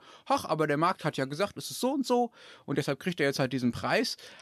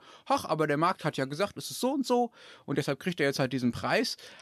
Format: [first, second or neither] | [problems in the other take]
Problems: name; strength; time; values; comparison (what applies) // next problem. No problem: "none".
neither | none